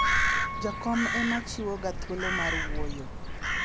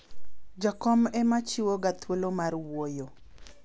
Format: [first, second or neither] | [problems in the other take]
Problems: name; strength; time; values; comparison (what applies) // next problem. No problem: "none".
second | background sound (Piano + Crow); 3 dB above the speech